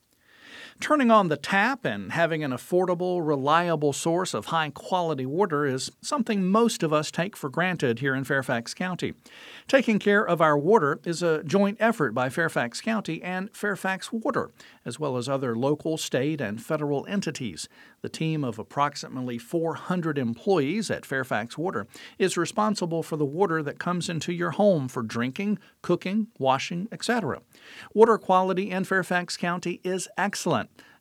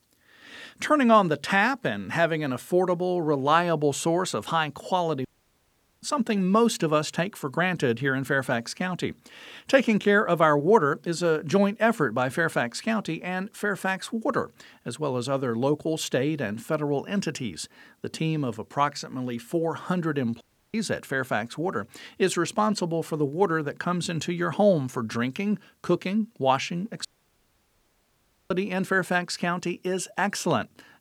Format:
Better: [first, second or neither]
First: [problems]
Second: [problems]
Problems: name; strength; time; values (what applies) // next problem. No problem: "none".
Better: first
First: none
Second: audio cutting out; at 5.5 s for 1 s, at 20 s and at 27 s for 1.5 s